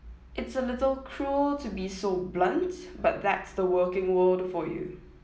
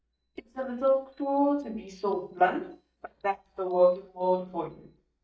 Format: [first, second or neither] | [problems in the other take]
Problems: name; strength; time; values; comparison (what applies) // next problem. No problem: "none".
first | noise reduction (neural mask model DeepFilterNet 3)